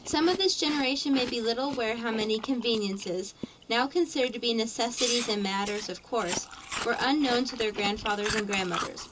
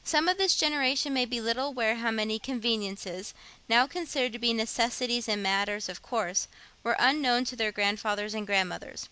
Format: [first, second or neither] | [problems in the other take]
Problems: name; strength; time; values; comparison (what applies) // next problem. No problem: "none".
second | background sound (Chewing, mastication); 10 dB below the speech // room echo; dies away in 0.2 s